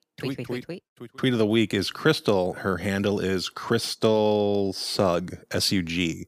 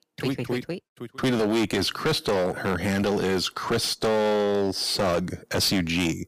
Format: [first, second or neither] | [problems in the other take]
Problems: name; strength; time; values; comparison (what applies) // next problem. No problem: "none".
first | distortion; heavy; 14% of the sound clipped